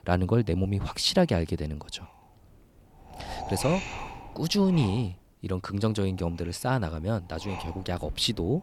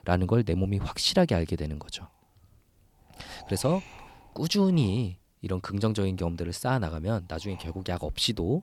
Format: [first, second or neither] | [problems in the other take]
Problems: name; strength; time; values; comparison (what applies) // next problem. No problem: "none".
second | wind noise on the microphone; heavy; 8 dB below the speech; occasional gusts in the second